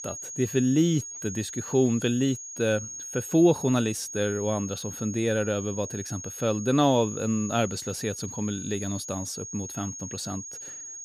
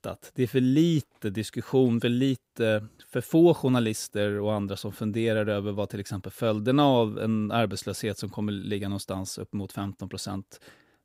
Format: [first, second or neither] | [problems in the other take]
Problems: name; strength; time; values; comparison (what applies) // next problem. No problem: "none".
second | high-pitched whine; loud; throughout; 6.5 kHz, 9 dB below the speech